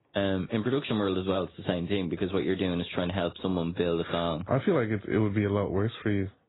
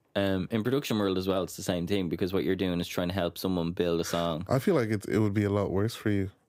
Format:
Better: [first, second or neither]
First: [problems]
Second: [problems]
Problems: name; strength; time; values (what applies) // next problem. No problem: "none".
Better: second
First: garbled, watery; badly; nothing above 4 kHz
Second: none